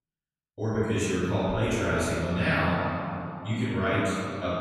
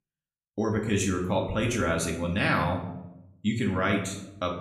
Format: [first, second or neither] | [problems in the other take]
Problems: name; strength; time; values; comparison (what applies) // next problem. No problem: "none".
second | room echo; strong; dies away in 2.6 s; slight in the second // off-mic speech; far; somewhat distant in the second